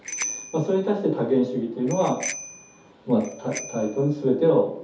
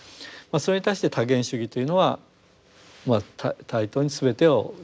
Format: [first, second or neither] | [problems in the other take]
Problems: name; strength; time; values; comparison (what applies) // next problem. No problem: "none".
second | background sound (Bicycle bell); 13 dB below the speech // room echo; dies away in 0.5 s